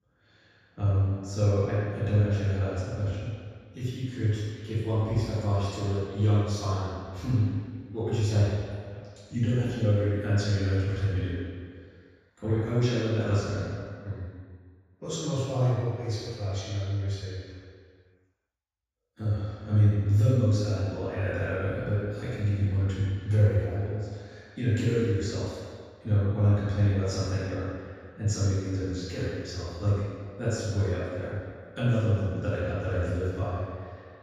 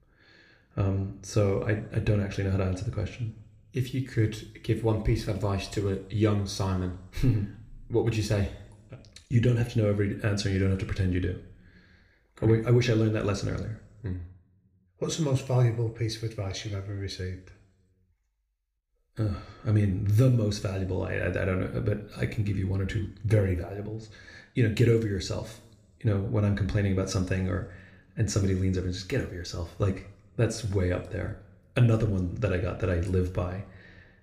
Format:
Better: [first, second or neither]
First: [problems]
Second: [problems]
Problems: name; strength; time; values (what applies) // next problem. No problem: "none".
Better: second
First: room echo; strong; dies away in 1.8 s // off-mic speech; far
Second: room echo; slight; dies away in 0.6 s